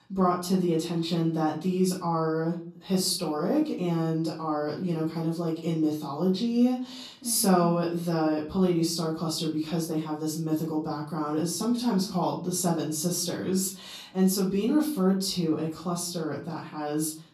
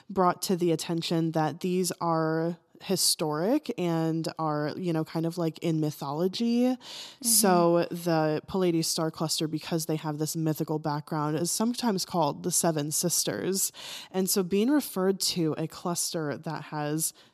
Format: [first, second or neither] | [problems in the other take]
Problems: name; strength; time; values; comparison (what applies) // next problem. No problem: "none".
second | off-mic speech; far // room echo; slight; dies away in 0.4 s